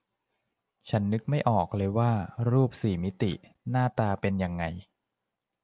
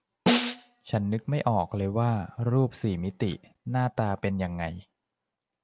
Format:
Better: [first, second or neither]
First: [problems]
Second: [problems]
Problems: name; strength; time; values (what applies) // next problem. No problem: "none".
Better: first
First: none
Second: background sound (Snare drum); as loud as the speech